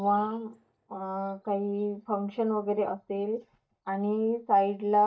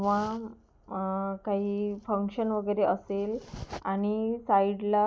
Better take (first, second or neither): second